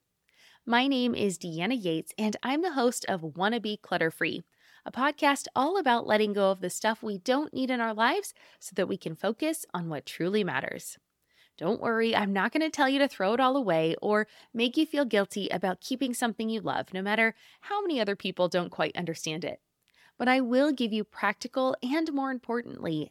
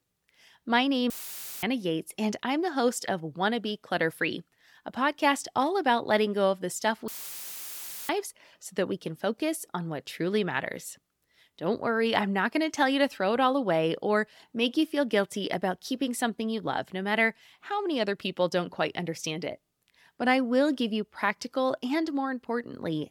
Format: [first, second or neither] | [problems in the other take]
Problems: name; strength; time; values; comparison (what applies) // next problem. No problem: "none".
first | audio cutting out; filled with static; at 1 s for 0.5 s and at 7 s for 1 s